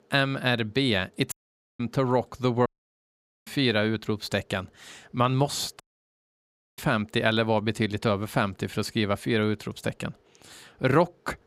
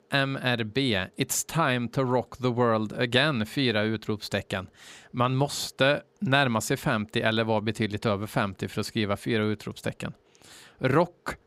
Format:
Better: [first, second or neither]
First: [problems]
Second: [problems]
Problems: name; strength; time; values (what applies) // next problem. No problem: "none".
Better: second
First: audio cutting out; at 1.5 s, at 2.5 s for 1 s and at 6 s for 1 s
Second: none